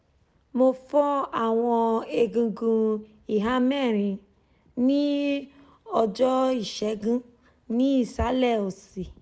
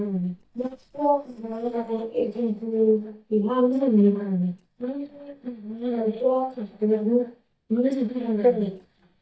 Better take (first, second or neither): first